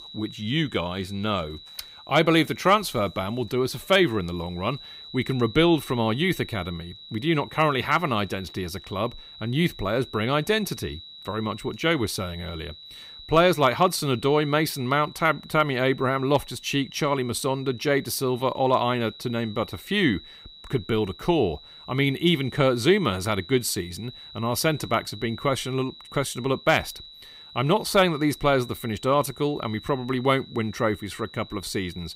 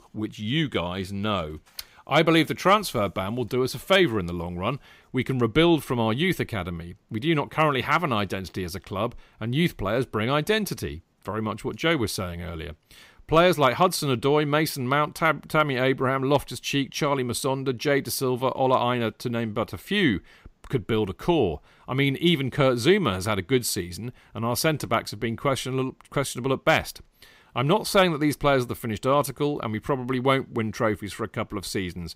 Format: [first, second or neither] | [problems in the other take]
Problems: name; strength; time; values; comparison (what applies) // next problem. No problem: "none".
second | high-pitched whine; noticeable; throughout; 4 kHz, 20 dB below the speech